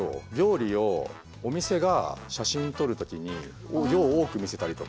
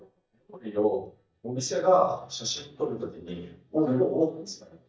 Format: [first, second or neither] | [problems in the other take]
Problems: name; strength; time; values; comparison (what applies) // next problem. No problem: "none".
first | noise reduction (neural mask model DeepFilterNet 3)